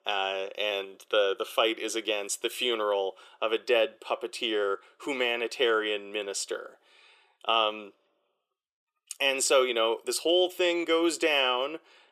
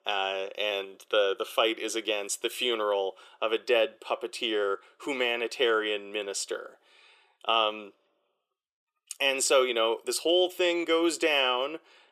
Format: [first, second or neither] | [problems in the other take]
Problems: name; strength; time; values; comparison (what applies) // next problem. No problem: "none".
neither | thin; somewhat; fading below 350 Hz; the same in both